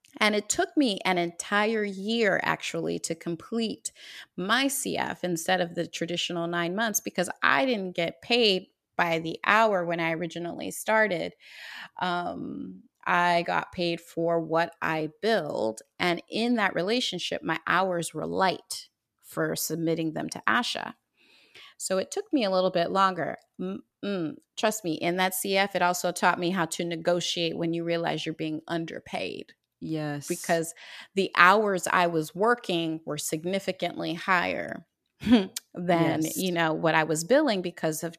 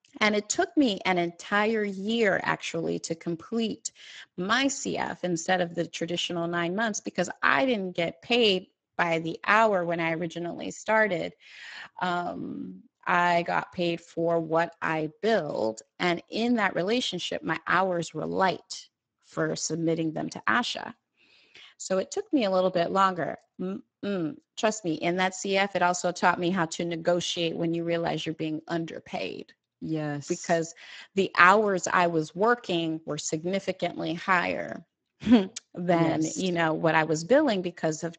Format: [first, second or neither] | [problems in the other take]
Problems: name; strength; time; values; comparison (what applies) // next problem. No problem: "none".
first | garbled, watery; badly; nothing above 7.5 kHz